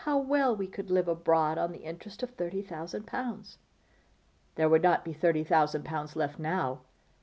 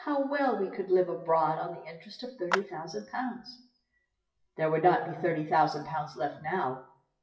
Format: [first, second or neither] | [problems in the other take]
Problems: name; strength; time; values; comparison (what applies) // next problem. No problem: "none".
first | noise reduction (classical method WPE with log-MMSE)